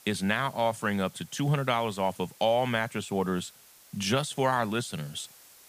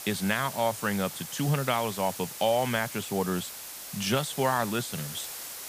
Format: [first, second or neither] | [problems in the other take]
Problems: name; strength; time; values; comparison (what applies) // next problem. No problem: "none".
first | hiss; loud; throughout; 9 dB below the speech; faint in the first